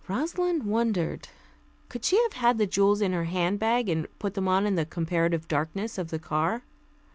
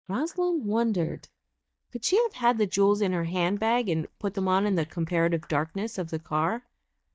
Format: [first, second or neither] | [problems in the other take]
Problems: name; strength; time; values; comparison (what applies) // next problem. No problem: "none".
first | noise reduction (neural mask model DeepFilterNet 3)